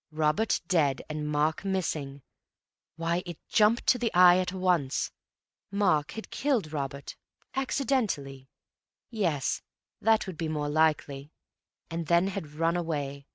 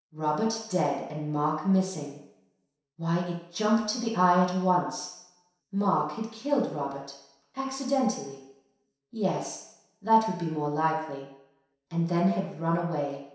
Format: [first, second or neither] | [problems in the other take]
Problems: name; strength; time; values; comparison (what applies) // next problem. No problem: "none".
first | room echo; dies away in 0.7 s